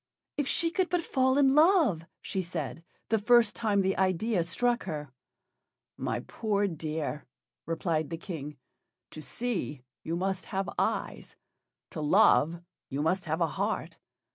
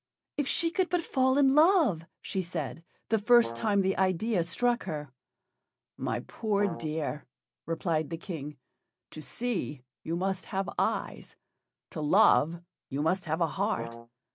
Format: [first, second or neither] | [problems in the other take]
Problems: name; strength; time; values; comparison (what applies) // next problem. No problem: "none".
first | background sound (Brass instrument); 11 dB below the speech